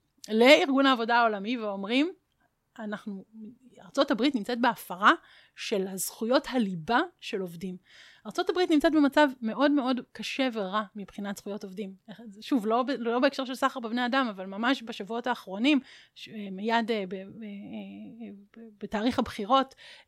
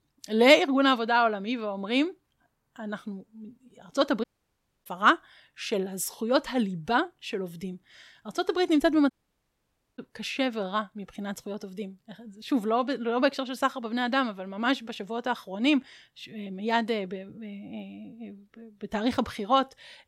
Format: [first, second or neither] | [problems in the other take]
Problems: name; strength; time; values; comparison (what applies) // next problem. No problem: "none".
first | audio cutting out; at 4 s for 0.5 s and at 9 s for 1 s